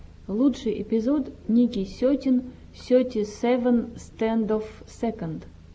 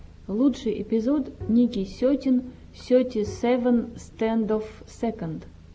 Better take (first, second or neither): first